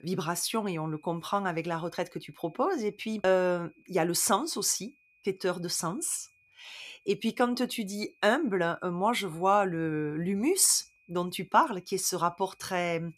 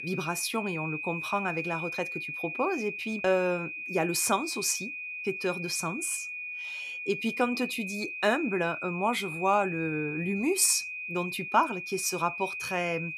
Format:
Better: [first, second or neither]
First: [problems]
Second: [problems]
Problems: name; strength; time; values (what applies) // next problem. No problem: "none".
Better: first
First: high-pitched whine; faint; throughout; 2.5 kHz, 35 dB below the speech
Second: high-pitched whine; loud; throughout; 2.5 kHz, 5 dB below the speech